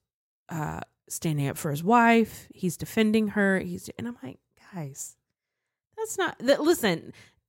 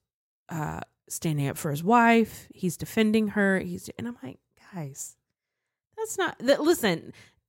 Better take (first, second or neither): neither